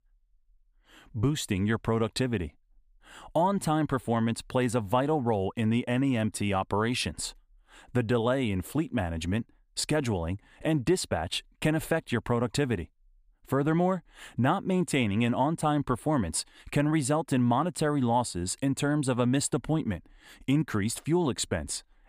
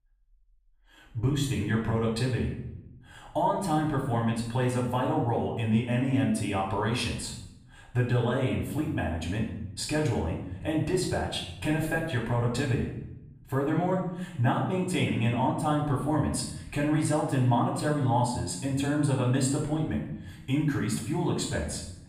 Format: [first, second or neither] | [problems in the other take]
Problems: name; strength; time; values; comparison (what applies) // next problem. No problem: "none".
first | off-mic speech; far // room echo; noticeable; dies away in 0.8 s